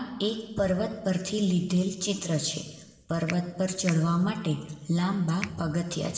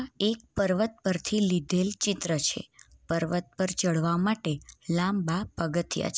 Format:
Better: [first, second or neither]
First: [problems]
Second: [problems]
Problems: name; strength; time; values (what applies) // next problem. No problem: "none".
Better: second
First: background sound (Finger snapping); 13 dB below the speech // room echo; dies away in 1.1 s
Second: none